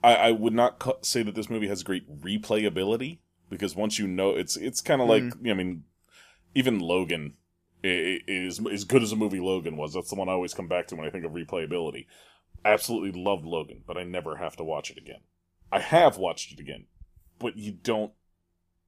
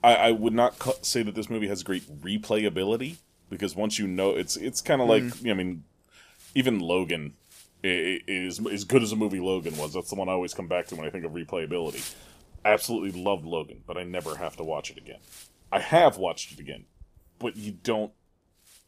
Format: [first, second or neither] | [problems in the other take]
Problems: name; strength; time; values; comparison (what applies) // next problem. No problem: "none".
first | wind noise on the microphone; occasional gusts; 20 dB below the speech